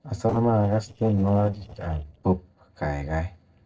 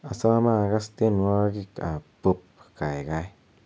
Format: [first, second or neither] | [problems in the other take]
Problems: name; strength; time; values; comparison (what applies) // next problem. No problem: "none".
second | noise reduction (neural separator model SepFormer DNS4)